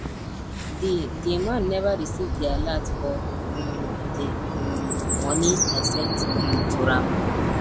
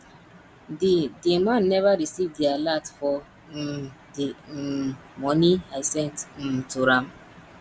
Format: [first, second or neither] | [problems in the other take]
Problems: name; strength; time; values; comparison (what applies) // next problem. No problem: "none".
second | background sound (Chirp, tweet); 3 dB above the speech